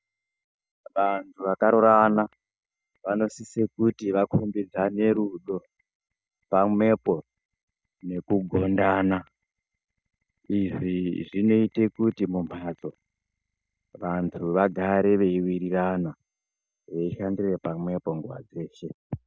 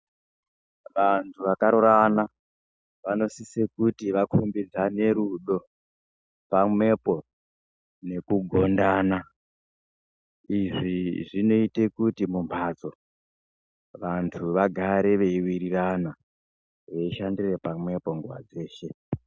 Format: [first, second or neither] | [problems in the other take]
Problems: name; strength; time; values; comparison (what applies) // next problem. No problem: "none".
second | noise reduction (neural mask model DeepFilterNet 3)